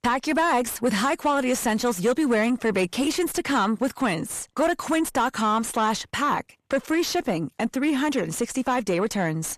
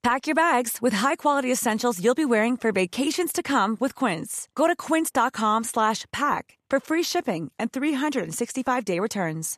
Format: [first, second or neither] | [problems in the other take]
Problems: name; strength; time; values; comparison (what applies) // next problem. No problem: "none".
second | distortion; slight; 10 dB below the speech